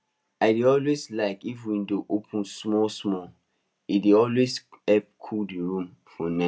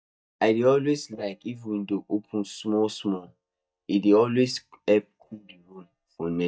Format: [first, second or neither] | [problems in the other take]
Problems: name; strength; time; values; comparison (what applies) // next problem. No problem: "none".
first | noise reduction (neural mask model DeepFilterNet 3)